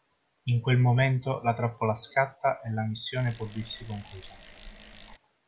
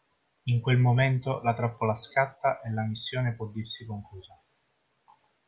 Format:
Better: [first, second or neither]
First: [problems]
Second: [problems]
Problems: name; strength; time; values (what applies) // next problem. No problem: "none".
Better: second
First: background sound (Bicycle); 19 dB below the speech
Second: none